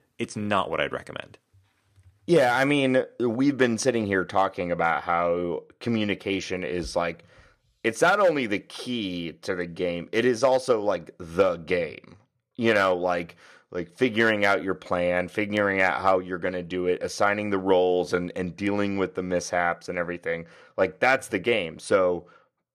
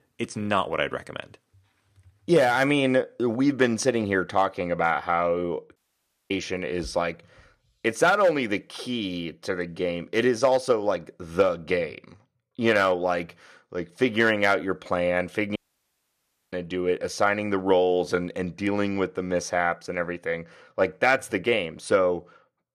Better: first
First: none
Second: audio cutting out; at 6 s for 0.5 s and at 16 s for 1 s

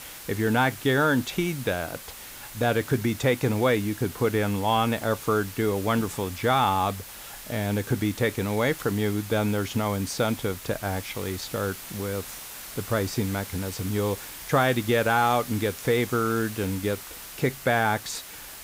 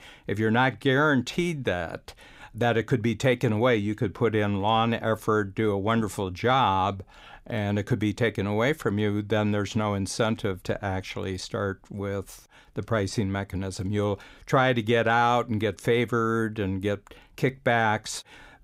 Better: second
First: hiss; noticeable; throughout; 10 dB below the speech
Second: none

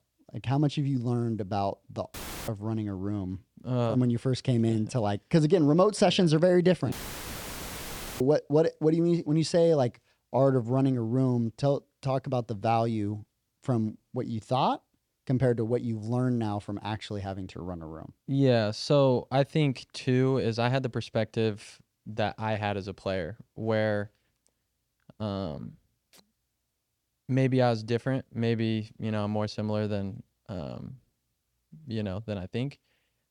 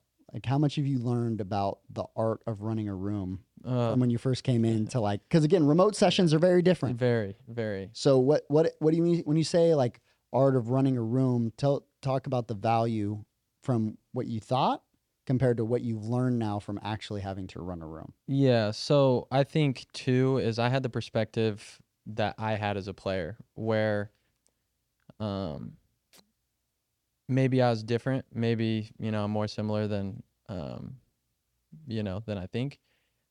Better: second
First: audio cutting out; filled with static; at 2 s and at 7 s for 1.5 s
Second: none

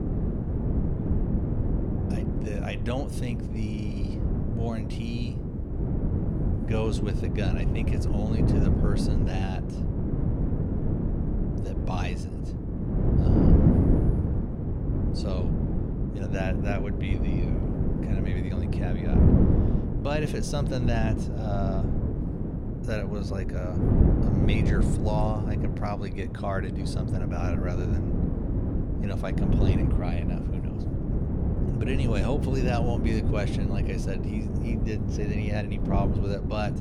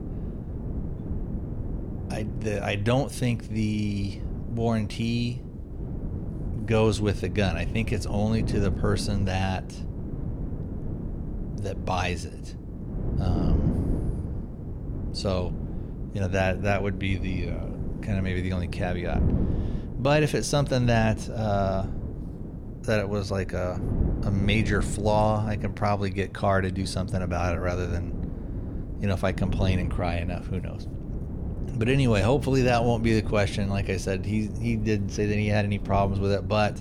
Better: second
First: wind noise on the microphone; heavy; as loud as the speech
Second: wind noise on the microphone; occasional gusts; 15 dB below the speech

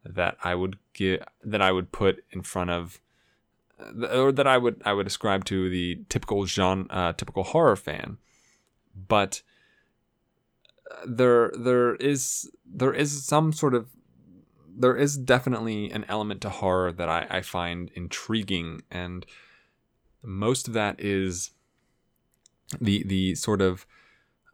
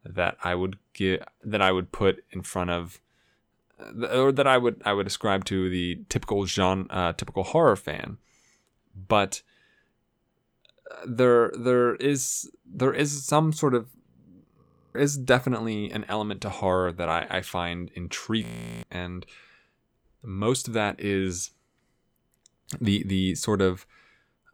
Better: first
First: none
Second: audio freezing; at 15 s and at 18 s

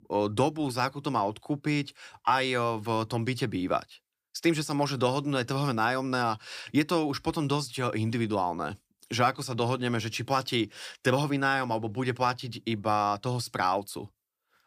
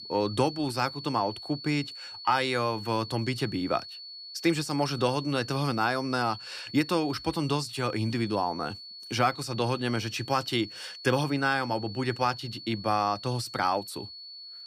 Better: first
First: none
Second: high-pitched whine; noticeable; throughout; 4.5 kHz, 10 dB below the speech

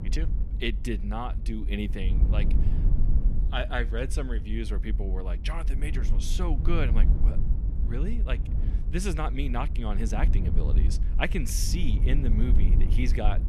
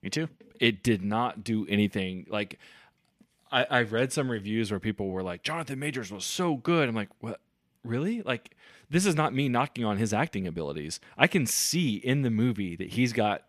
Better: second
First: low rumble; loud; throughout; 10 dB below the speech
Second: none

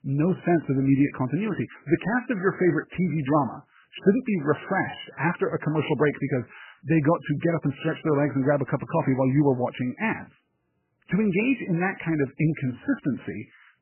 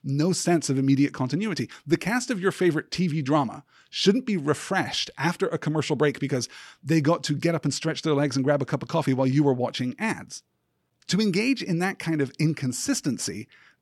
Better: second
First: garbled, watery; badly; nothing above 3 kHz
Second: none

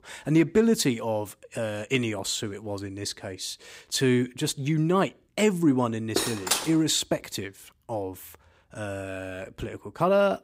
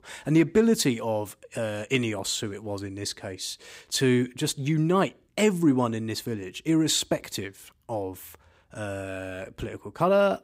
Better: second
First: clattering dishes; loud; at 6 s; peak 1 dB above the speech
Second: none

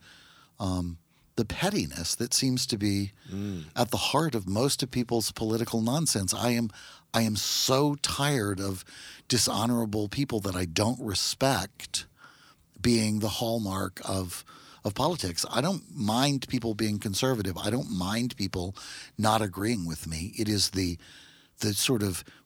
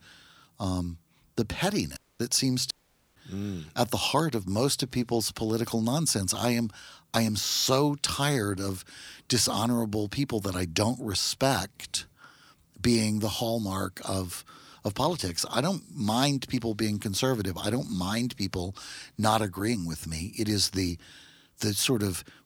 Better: first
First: none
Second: audio cutting out; at 2 s and at 2.5 s

